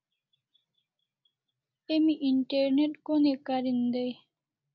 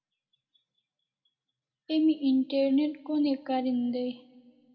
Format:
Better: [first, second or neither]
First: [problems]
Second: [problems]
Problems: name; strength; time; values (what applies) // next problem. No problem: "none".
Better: first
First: none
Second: room echo; dies away in 1.1 s